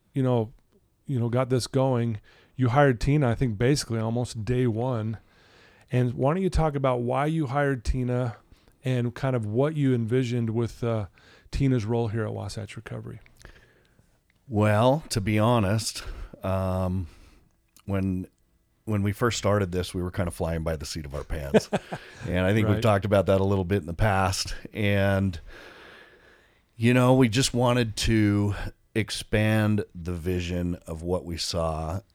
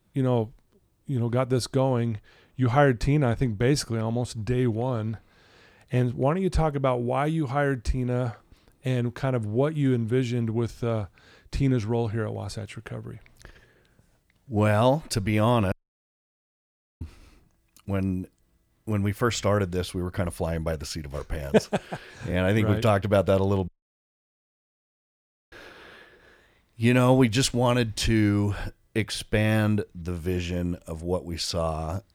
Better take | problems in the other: first | audio cutting out; at 16 s for 1.5 s and at 24 s for 2 s

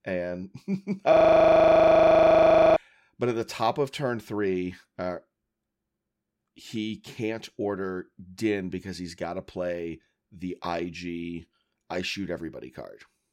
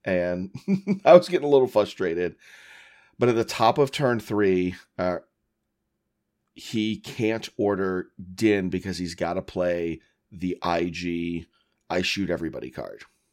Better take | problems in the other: second | audio freezing; at 1 s for 1.5 s

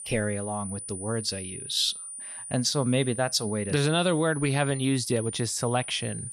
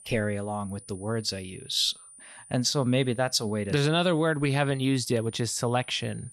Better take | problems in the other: second | high-pitched whine; loud; throughout; 9.5 kHz, 9 dB below the speech; faint in the second

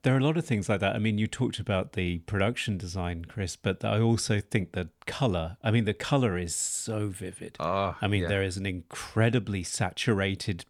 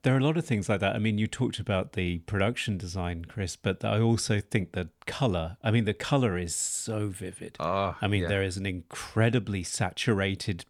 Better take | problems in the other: neither | none

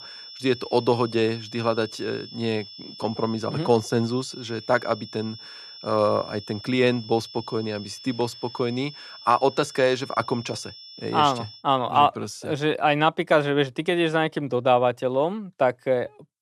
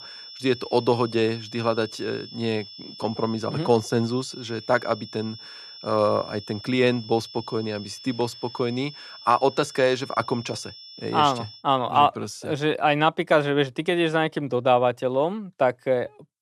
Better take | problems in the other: neither | high-pitched whine; noticeable; until 12 s; 5.5 kHz, 15 dB below the speech; the same in both

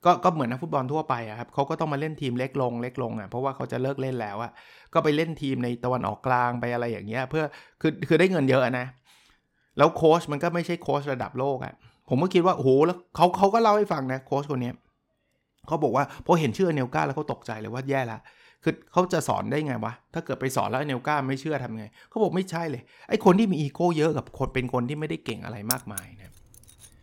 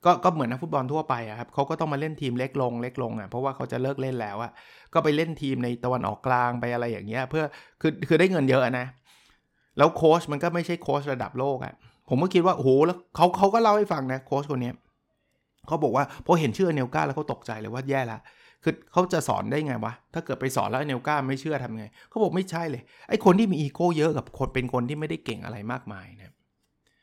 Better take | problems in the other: second | jangling keys; noticeable; at 26 s; peak 3 dB below the speech

